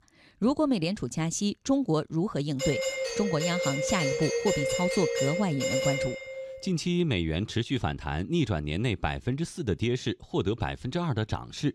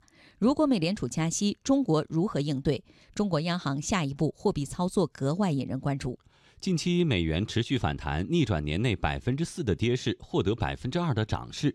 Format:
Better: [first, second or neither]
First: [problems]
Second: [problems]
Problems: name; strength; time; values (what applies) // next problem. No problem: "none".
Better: second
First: doorbell; loud; from 2.5 to 6.5 s; peak 2 dB above the speech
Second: none